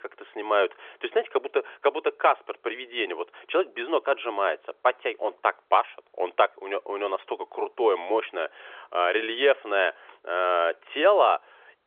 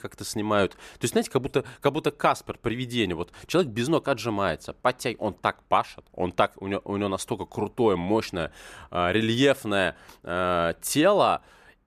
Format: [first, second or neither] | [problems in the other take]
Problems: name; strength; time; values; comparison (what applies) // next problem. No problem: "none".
second | phone-call audio; nothing above 3.5 kHz